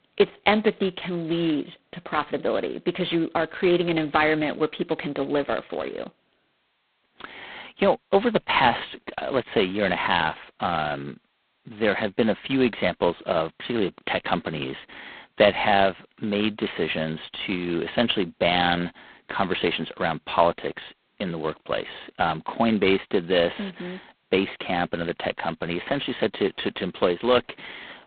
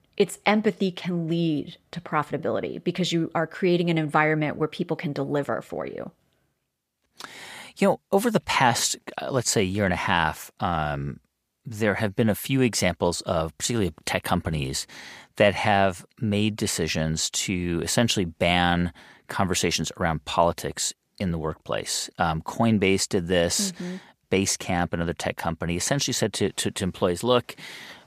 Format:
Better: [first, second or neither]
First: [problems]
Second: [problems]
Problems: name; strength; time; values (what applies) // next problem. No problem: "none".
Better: second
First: phone-call audio; poor line; nothing above 4 kHz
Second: none